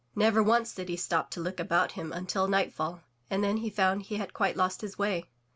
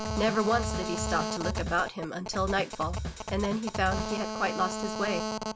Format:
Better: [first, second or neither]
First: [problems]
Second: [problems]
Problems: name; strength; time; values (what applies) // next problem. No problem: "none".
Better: first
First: none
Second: background sound (Drum kit + Telephone); 3 dB below the speech